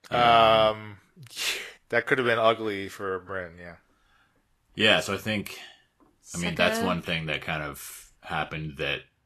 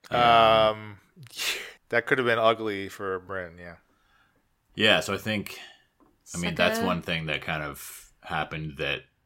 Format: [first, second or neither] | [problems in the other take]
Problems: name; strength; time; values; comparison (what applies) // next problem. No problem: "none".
second | garbled, watery; slightly; nothing above 13 kHz